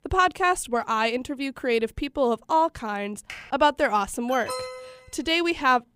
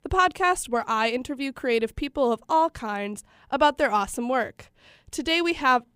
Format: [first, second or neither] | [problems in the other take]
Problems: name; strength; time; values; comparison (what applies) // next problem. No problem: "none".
second | keyboard typing; faint; at 3.5 s; peak 15 dB below the speech // alarm; noticeable; at 4.5 s; peak 8 dB below the speech